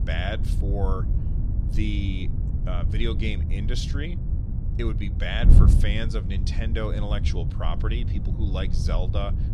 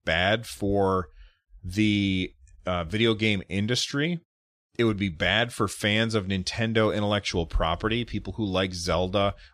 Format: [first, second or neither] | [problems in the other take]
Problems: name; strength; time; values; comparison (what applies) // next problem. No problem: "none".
second | wind noise on the microphone; heavy; 6 dB below the speech